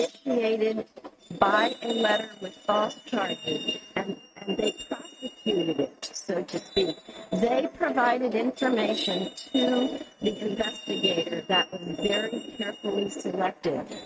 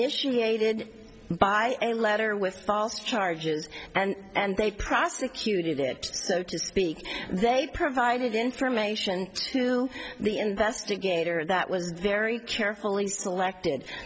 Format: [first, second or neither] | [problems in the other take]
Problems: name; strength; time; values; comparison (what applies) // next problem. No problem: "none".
second | noise reduction (neural mask model RNNoise)